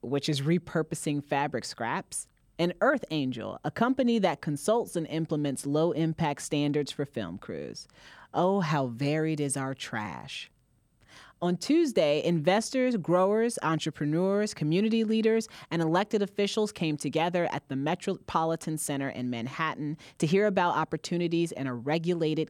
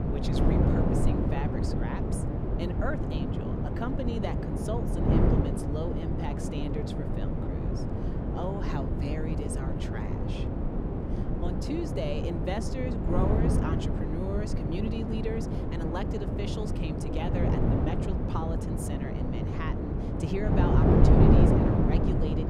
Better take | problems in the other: first | wind noise on the microphone; heavy; 4 dB above the speech

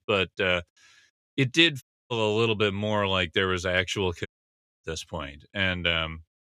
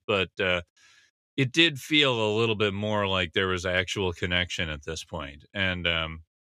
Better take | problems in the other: second | audio cutting out; at 2 s and at 4.5 s for 0.5 s

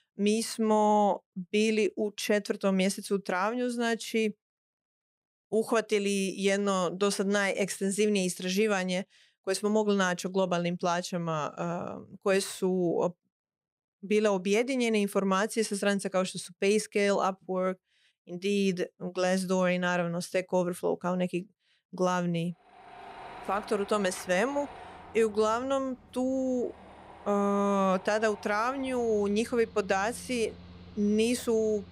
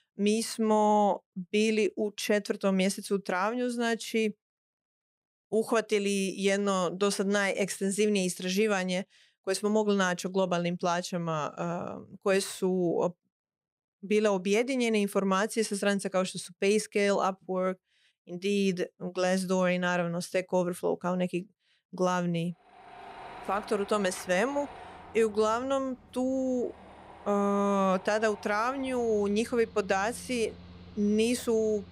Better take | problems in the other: neither | machinery noise; noticeable; from 23 s on; 20 dB below the speech; the same in both

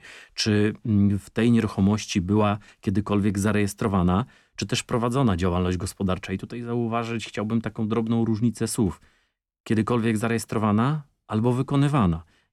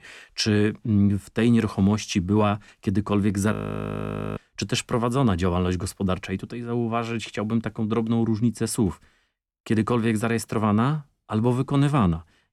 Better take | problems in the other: first | audio freezing; at 3.5 s for 1 s

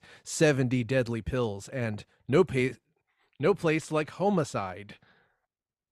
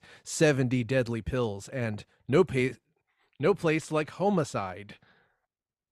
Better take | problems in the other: neither | none

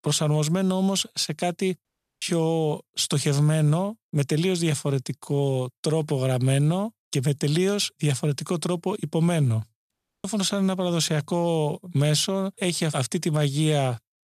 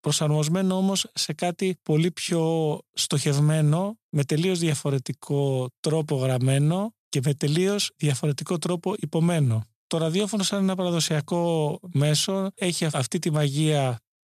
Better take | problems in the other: second | audio cutting out; at 2 s and at 10 s

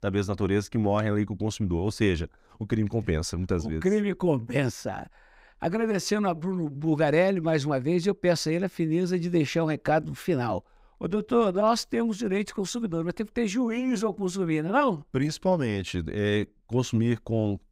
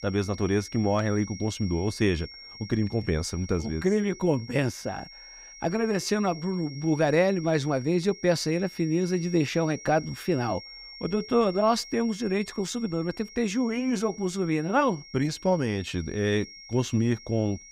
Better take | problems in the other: first | high-pitched whine; noticeable; throughout; 5.5 kHz, 15 dB below the speech

